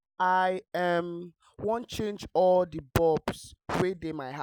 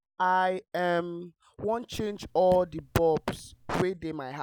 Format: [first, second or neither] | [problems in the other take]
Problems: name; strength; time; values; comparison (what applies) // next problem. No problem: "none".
first | background sound (Raindrop / Drip); 18 dB below the speech